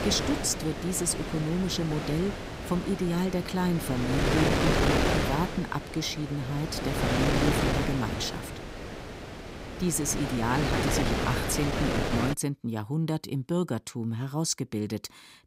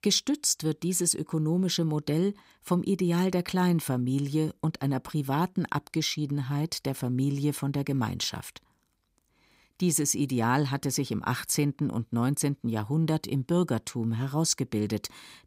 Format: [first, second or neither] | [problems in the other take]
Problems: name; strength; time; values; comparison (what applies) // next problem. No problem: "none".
second | wind noise on the microphone; heavy; until 12 s; 2 dB above the speech